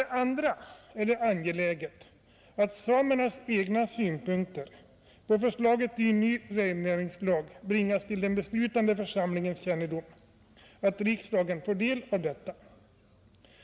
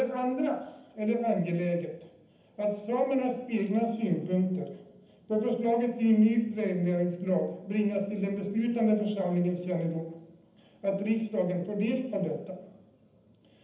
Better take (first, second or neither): first